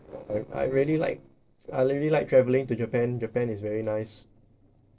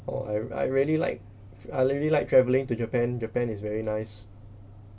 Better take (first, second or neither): second